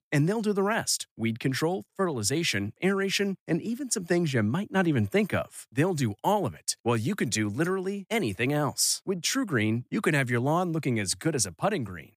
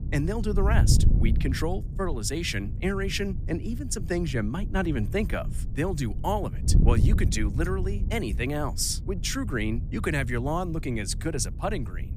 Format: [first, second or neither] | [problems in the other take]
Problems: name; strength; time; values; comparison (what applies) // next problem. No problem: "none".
first | wind noise on the microphone; occasional gusts; 10 dB below the speech